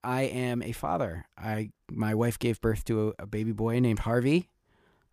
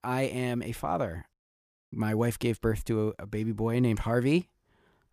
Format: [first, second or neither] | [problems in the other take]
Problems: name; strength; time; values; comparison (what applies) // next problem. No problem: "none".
first | audio cutting out; at 1.5 s for 0.5 s